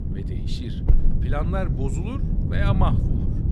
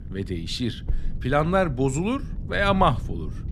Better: second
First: wind noise on the microphone; heavy; 5 dB below the speech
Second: wind noise on the microphone; occasional gusts; 25 dB below the speech

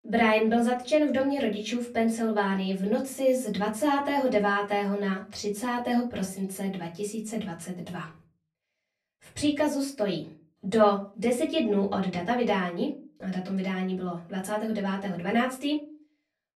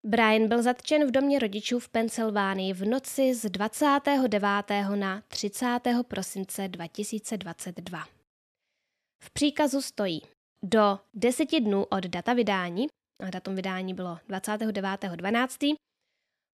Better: second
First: off-mic speech; far // room echo; very slight; dies away in 0.3 s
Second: none

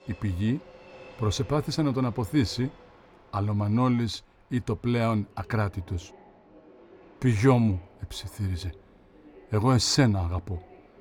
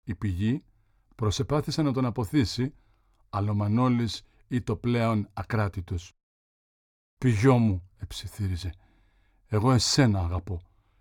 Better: second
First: train or aircraft noise; faint; throughout; 25 dB below the speech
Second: none

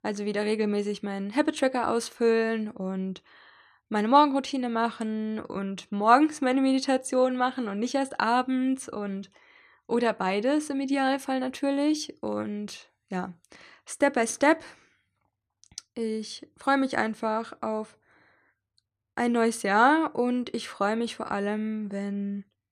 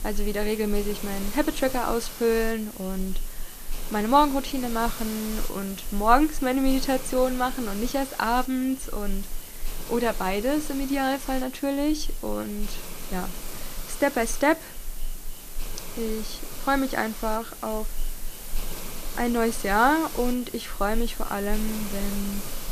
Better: first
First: none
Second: hiss; noticeable; throughout; 10 dB below the speech

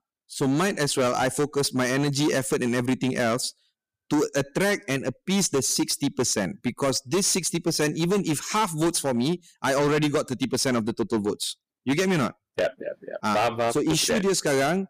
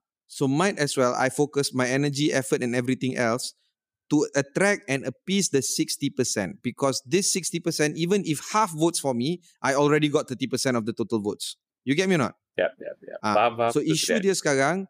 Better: second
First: distortion; heavy; 14% of the sound clipped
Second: none

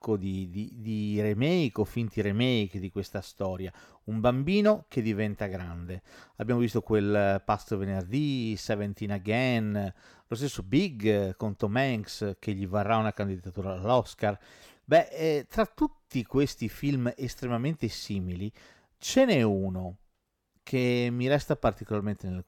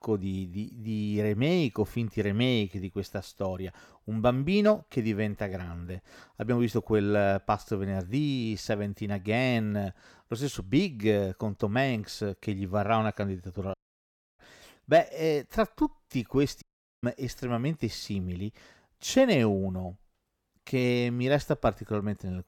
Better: first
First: none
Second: audio cutting out; at 14 s for 0.5 s and at 17 s

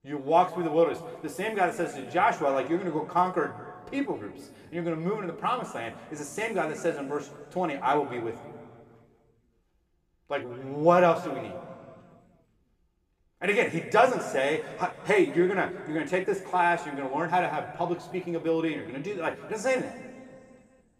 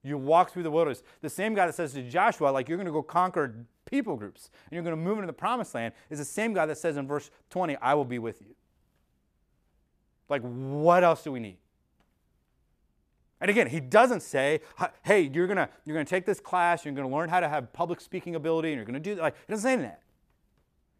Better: second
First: room echo; slight; dies away in 1.6 s // off-mic speech; somewhat distant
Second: none

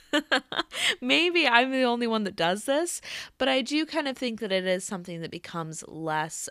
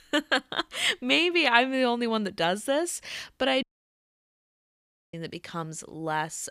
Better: first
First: none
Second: audio cutting out; at 3.5 s for 1.5 s

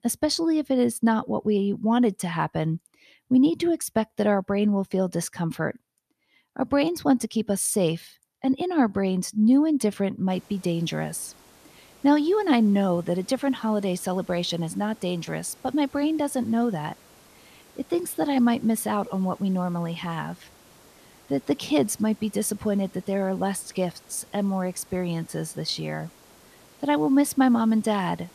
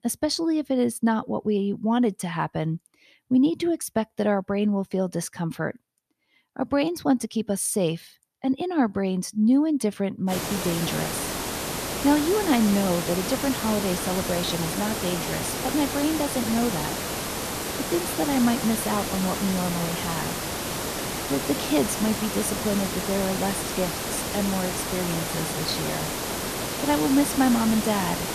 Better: first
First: hiss; faint; from 10 s on; 25 dB below the speech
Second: hiss; loud; from 10 s on; 3 dB below the speech

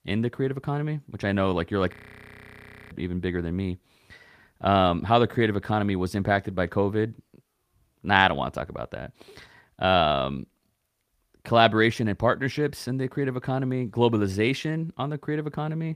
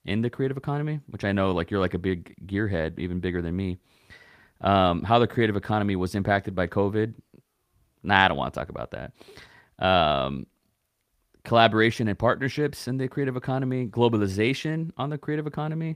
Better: second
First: audio freezing; at 2 s for 1 s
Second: none

